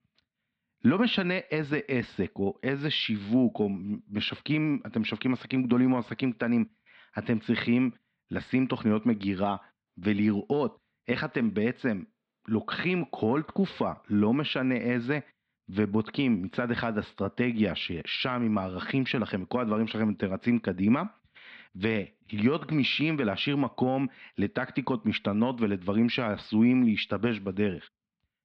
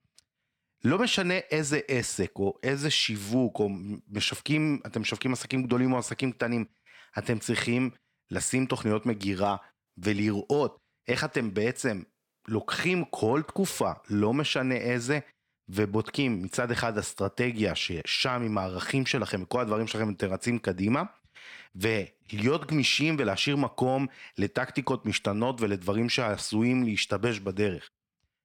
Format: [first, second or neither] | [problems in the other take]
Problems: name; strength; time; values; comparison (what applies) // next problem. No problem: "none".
second | muffled; slightly; fading above 4 kHz